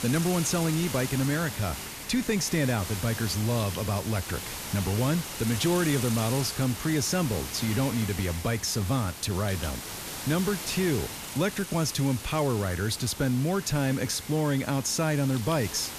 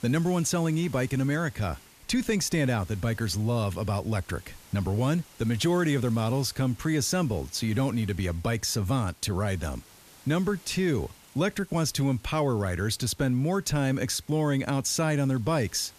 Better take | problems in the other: second | hiss; loud; throughout; 8 dB below the speech; faint in the second

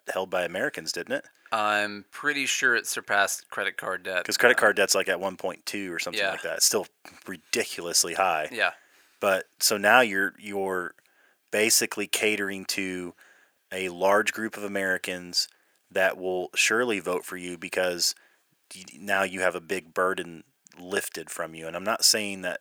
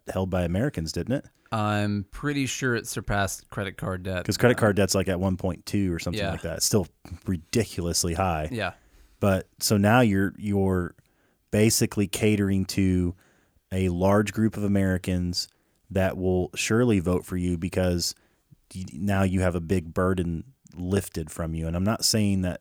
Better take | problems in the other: second | thin; very; fading below 550 Hz

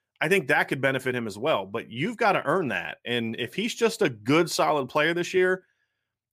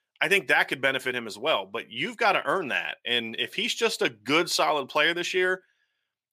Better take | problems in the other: first | thin; very slightly; fading below 900 Hz

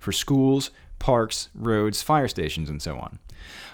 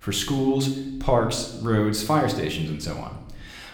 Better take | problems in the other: first | room echo; slight; dies away in 0.8 s

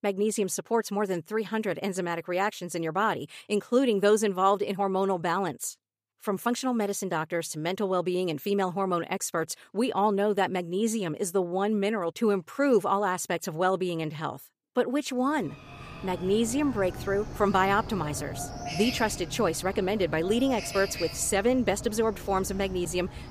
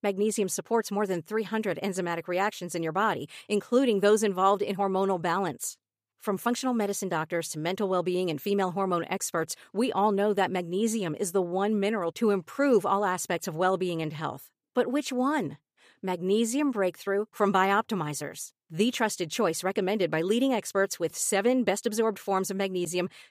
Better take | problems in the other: second | animal sounds; noticeable; from 16 s on; 10 dB below the speech

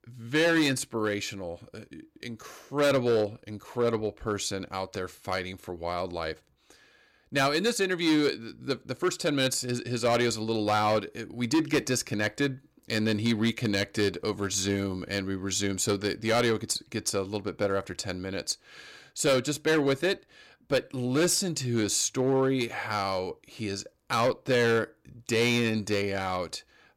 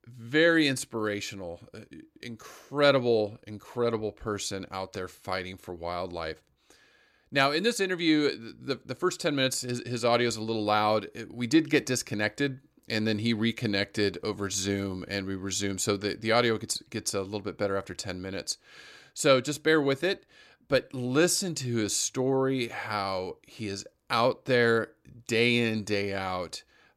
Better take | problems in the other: second | distortion; slight; 4% of the sound clipped

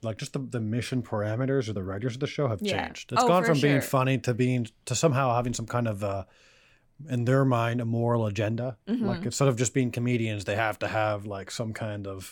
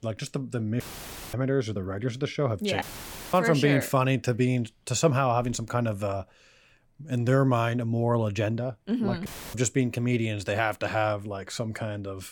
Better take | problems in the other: first | audio cutting out; filled with static; at 1 s for 0.5 s, at 3 s for 0.5 s and at 9.5 s

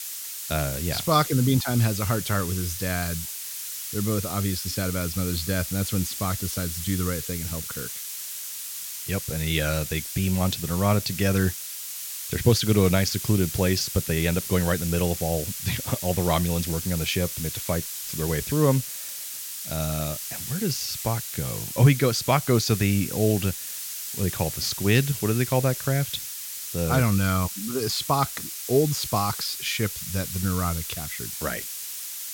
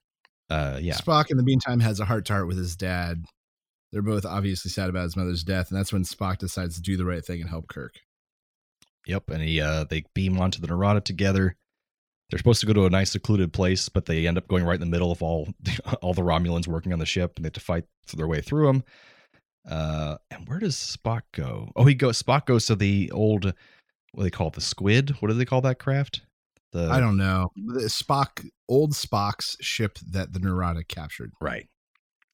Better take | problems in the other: second | hiss; loud; throughout; 6 dB below the speech

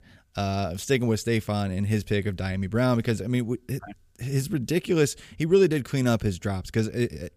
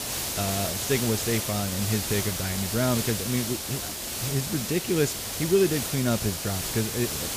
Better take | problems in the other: first | hiss; loud; throughout; 1 dB below the speech

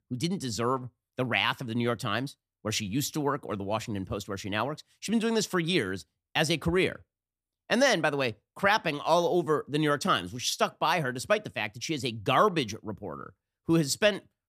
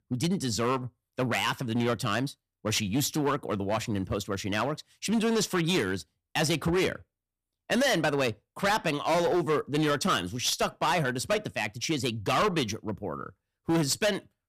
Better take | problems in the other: first | distortion; heavy; 11% of the sound clipped

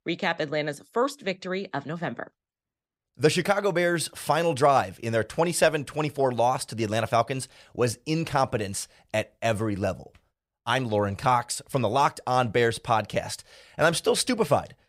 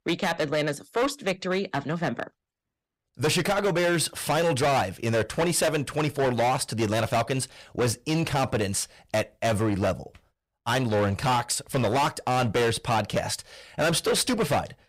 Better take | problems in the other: first | distortion; heavy; 15% of the sound clipped

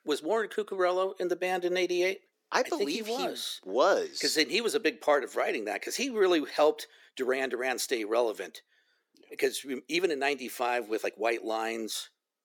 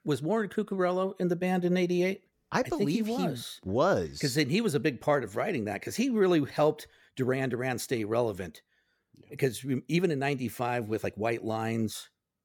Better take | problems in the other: second | thin; somewhat; fading below 300 Hz

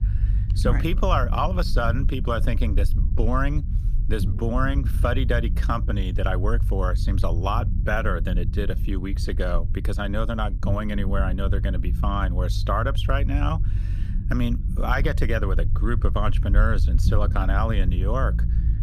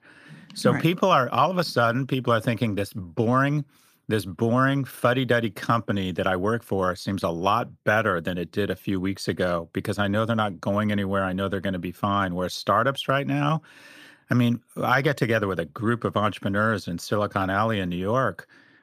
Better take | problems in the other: second | low rumble; noticeable; throughout; 15 dB below the speech

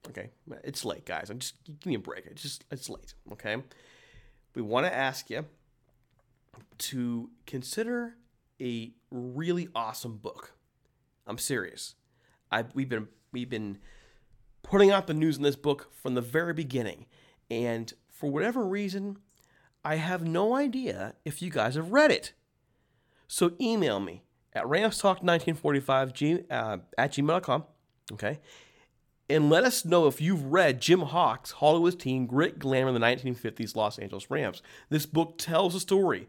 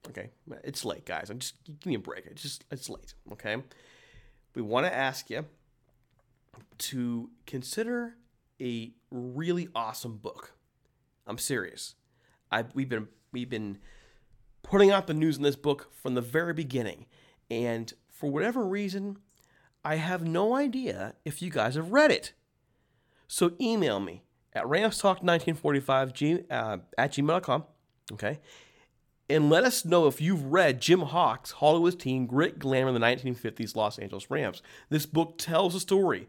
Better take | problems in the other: neither | none

